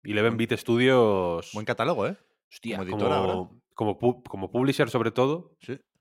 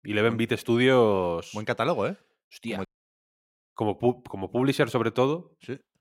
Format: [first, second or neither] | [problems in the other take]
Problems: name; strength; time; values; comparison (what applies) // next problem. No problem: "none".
first | audio cutting out; at 3 s for 1 s